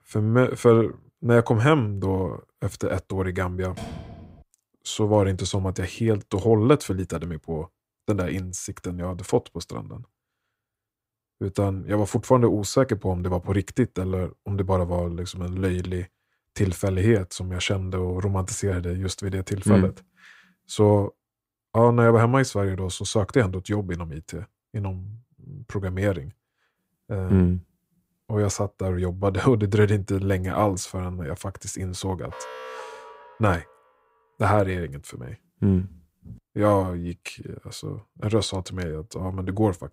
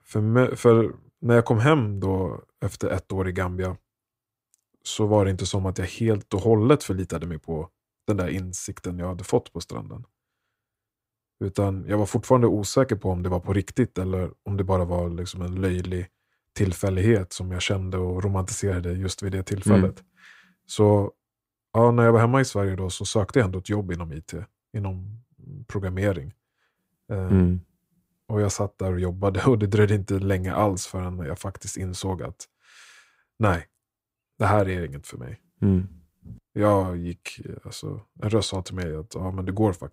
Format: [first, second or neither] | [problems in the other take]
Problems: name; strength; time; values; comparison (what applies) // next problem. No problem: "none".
second | door banging; faint; at 4 s; peak 15 dB below the speech // alarm; faint; from 32 to 34 s; peak 10 dB below the speech